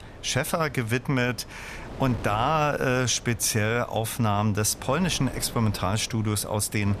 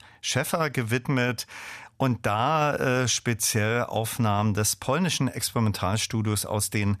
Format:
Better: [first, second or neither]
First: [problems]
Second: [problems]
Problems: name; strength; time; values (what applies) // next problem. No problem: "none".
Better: second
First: wind noise on the microphone; occasional gusts; 20 dB below the speech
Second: none